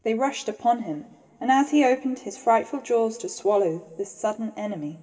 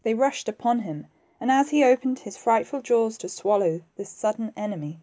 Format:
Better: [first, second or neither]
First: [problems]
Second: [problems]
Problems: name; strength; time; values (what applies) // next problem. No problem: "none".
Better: second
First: room echo; dies away in 2.7 s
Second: none